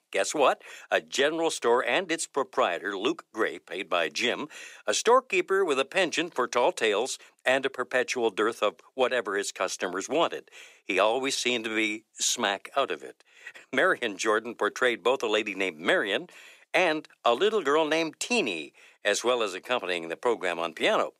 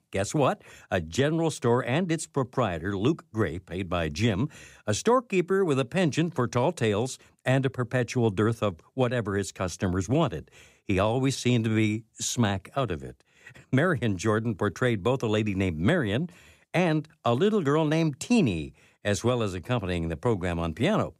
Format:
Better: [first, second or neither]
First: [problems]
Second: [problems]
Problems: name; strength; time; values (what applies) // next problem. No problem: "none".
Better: second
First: thin; very; fading below 400 Hz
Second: none